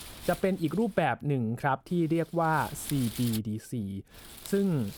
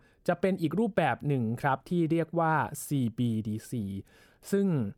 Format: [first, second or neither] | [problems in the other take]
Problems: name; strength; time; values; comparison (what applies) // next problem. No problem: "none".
second | wind noise on the microphone; occasional gusts; until 1 s, from 2 to 3.5 s and at 4 s; 15 dB below the speech